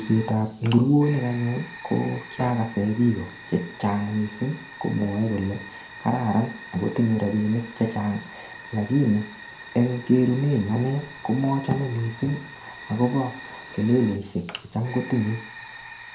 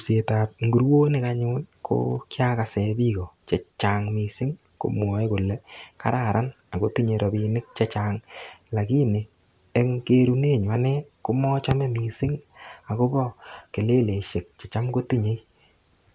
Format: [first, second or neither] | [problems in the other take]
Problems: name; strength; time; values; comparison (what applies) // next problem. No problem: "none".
second | background sound (Fire); 17 dB below the speech // room echo; dies away in 0.4 s